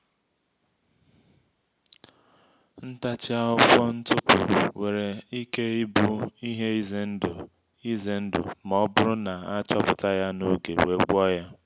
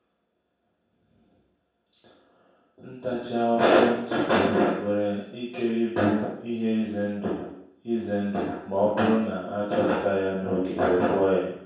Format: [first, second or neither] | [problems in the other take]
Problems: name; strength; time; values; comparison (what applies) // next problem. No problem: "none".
first | room echo; dies away in 0.7 s